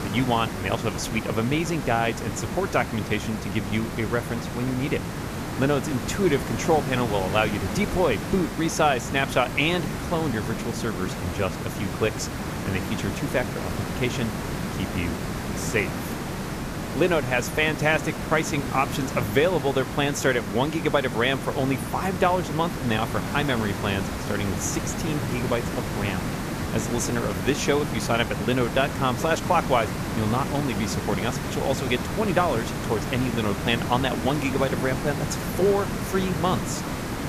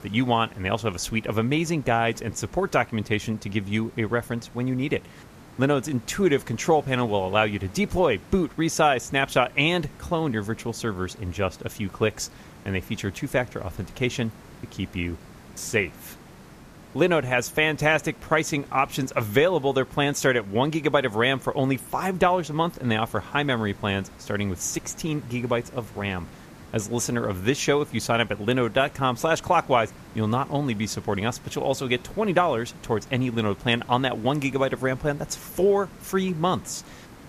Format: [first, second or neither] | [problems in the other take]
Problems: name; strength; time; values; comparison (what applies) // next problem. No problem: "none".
second | hiss; loud; throughout; 4 dB below the speech; faint in the second